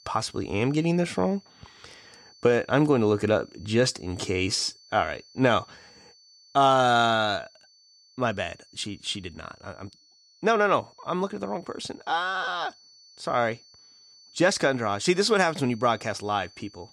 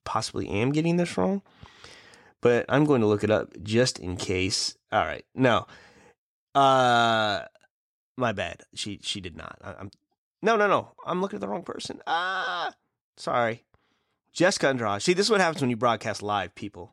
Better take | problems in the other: second | high-pitched whine; faint; throughout; 4.5 kHz, 25 dB below the speech

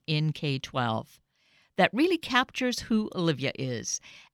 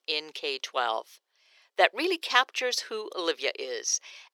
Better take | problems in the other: first | thin; very; fading below 400 Hz

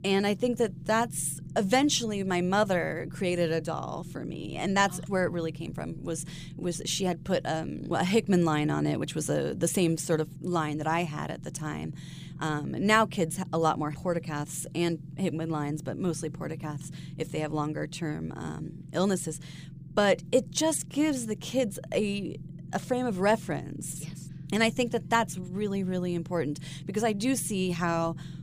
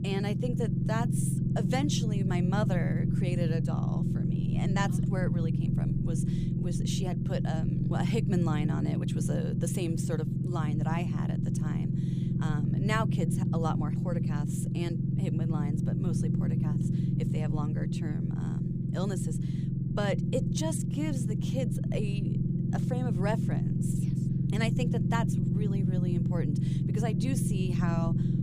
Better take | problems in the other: first | low rumble; loud; throughout; 1 dB below the speech; faint in the first

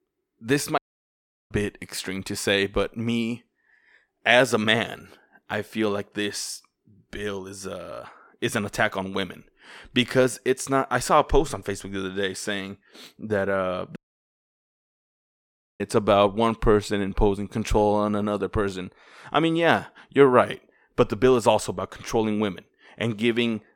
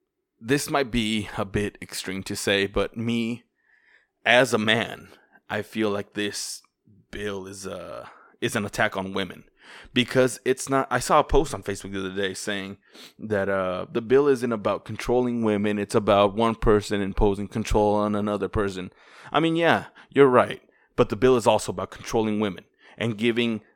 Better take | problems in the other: second | audio cutting out; at 1 s for 0.5 s and at 14 s for 2 s

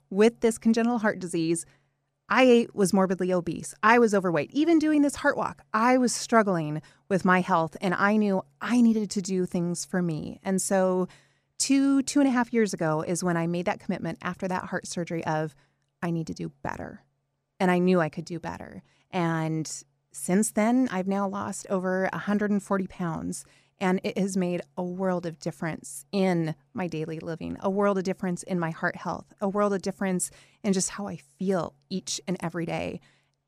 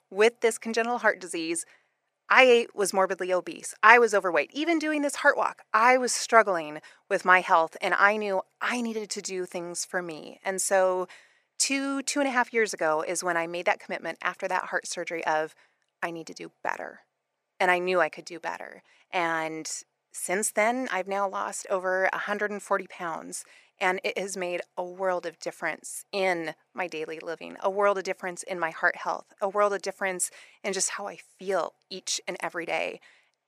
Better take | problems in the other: first | thin; very; fading below 550 Hz

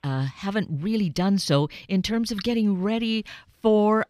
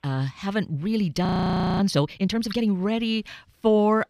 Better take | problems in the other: first | audio freezing; at 1.5 s for 0.5 s

